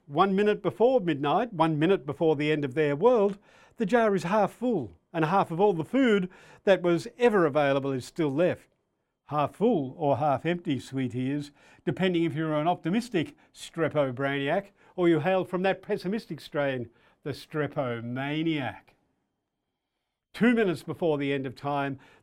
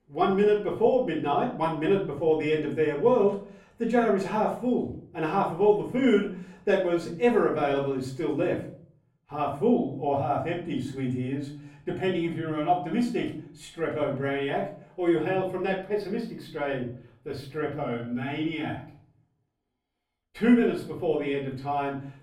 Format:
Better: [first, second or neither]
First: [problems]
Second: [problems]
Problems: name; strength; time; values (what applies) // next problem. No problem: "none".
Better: first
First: none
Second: off-mic speech; far // room echo; slight; dies away in 0.4 s